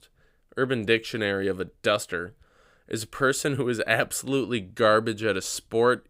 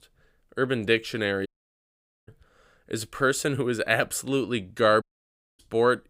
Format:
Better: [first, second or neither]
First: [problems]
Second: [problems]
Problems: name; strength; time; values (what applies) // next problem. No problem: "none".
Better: first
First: none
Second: audio cutting out; at 1.5 s for 1 s and at 5 s for 0.5 s